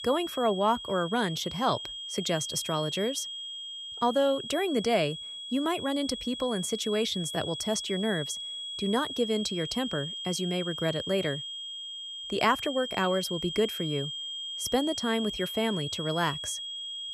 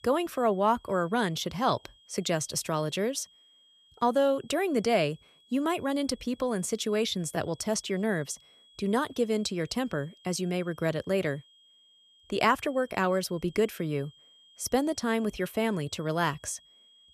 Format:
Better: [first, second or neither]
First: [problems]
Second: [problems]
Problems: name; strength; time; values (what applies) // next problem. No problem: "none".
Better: second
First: high-pitched whine; loud; throughout; 3 kHz, 6 dB below the speech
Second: high-pitched whine; faint; throughout; 3 kHz, 30 dB below the speech